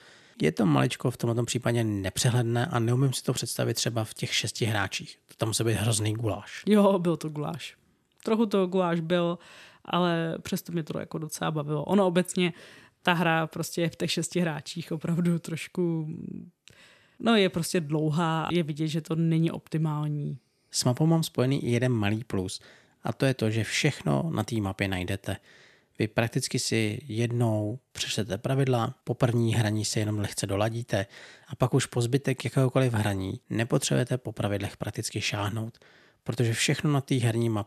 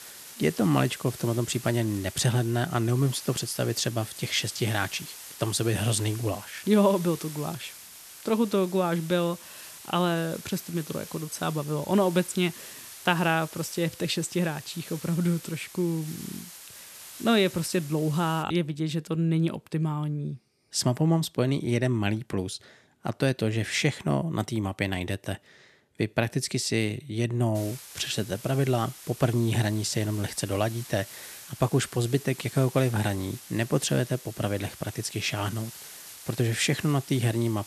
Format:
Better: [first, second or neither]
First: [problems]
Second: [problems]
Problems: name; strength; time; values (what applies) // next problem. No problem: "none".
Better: first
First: none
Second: hiss; noticeable; until 18 s and from 28 s on; 15 dB below the speech